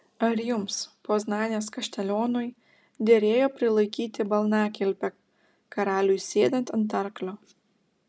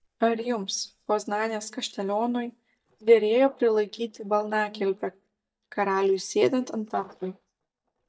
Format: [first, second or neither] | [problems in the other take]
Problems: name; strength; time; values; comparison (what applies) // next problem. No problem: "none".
first | noise reduction (neural mask model DeepFilterNet 3)